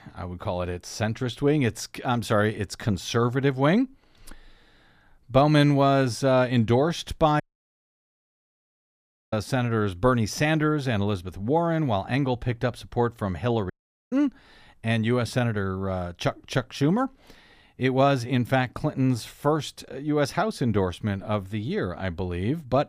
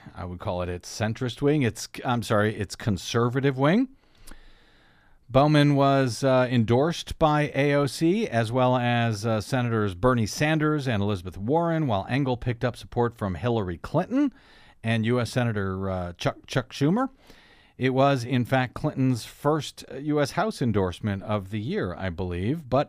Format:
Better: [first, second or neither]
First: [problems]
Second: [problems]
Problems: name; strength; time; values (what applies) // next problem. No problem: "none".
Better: second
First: audio cutting out; at 7.5 s for 2 s and at 14 s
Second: none